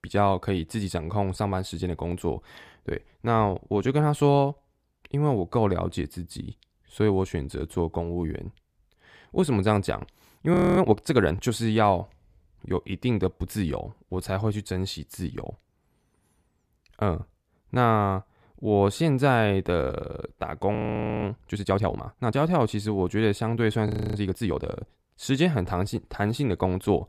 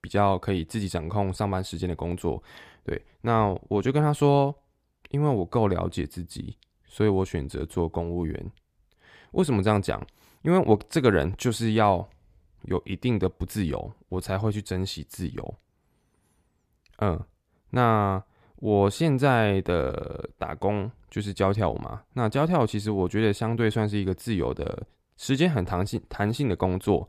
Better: second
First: audio freezing; at 11 s, at 21 s and at 24 s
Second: none

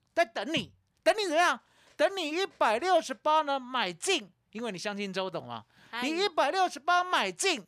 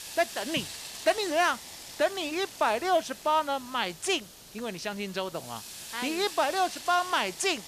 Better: first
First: none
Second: hiss; noticeable; throughout; 10 dB below the speech

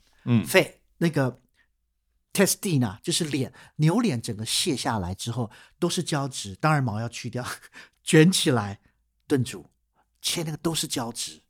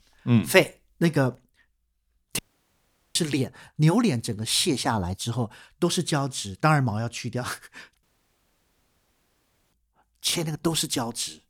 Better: first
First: none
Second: audio cutting out; at 2.5 s for 1 s and at 8 s for 1.5 s

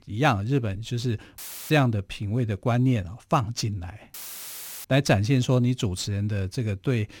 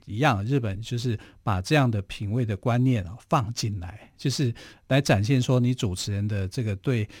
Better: second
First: audio cutting out; filled with static; at 1.5 s and at 4 s for 0.5 s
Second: none

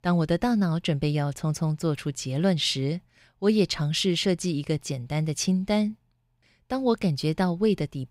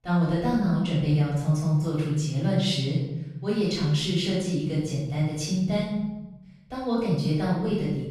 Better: first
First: none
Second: room echo; noticeable; dies away in 1.2 s // off-mic speech; far

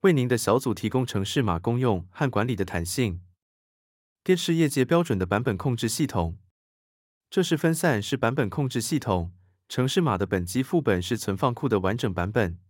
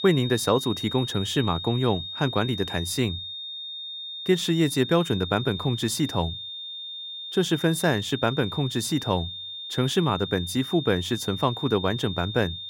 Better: first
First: none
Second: high-pitched whine; loud; throughout; 3.5 kHz, 8 dB below the speech

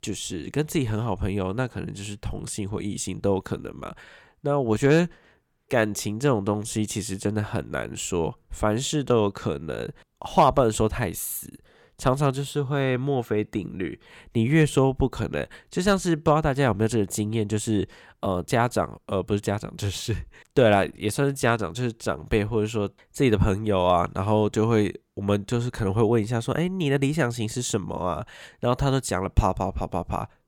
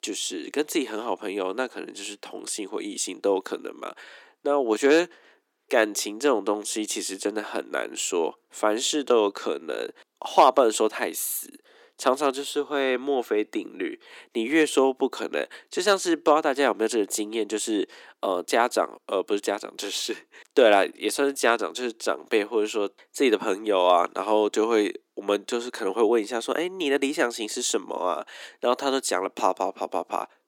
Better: first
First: none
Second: thin; somewhat; fading below 300 Hz

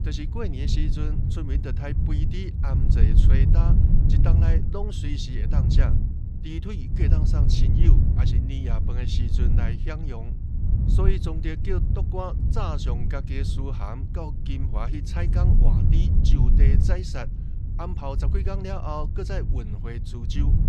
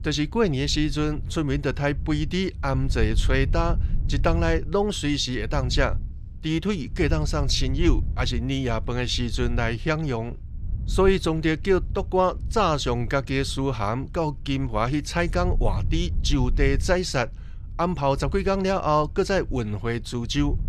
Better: second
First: wind noise on the microphone; heavy; 2 dB below the speech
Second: wind noise on the microphone; occasional gusts; 20 dB below the speech

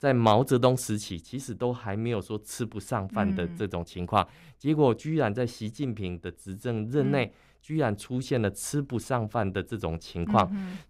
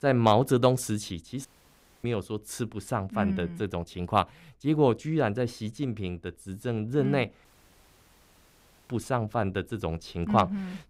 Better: first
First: none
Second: audio cutting out; at 1.5 s for 0.5 s and at 7.5 s for 1.5 s

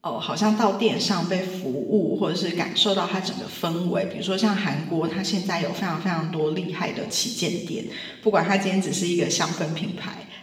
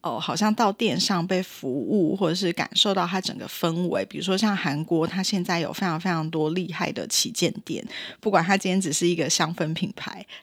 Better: second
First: room echo; noticeable; dies away in 1 s // off-mic speech; somewhat distant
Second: none

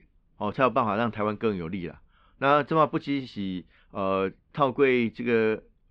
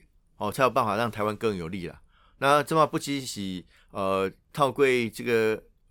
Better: second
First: muffled; slightly; fading above 3.5 kHz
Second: none

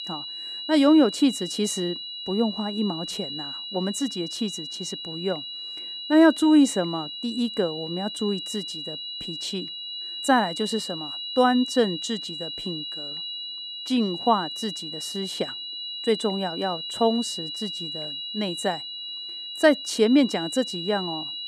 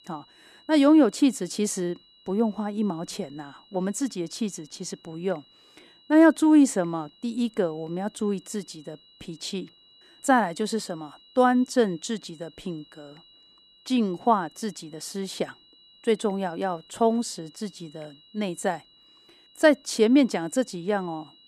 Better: second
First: high-pitched whine; loud; throughout; 4 kHz, 7 dB below the speech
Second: high-pitched whine; faint; throughout; 4 kHz, 30 dB below the speech

